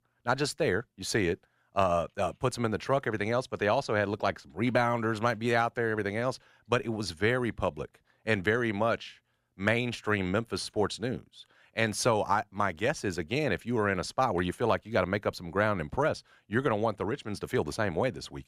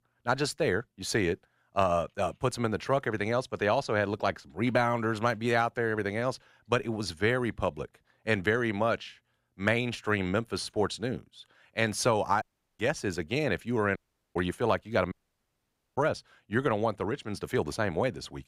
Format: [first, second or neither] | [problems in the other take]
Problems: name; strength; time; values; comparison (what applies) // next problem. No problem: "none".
first | audio cutting out; at 12 s, at 14 s and at 15 s for 1 s